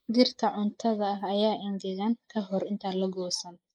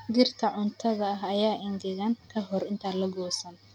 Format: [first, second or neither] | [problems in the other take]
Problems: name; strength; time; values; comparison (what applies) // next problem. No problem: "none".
second | noise reduction (neural mask model Resemble Enhance denoiser)